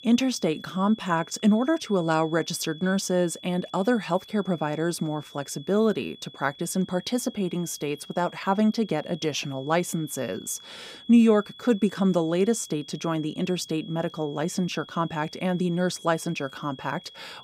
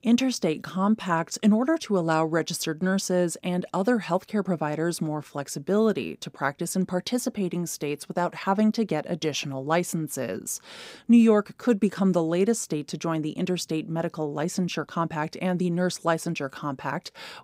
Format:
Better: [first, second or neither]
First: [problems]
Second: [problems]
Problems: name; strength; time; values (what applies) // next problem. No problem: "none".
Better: second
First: high-pitched whine; noticeable; throughout; 3.5 kHz, 20 dB below the speech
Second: none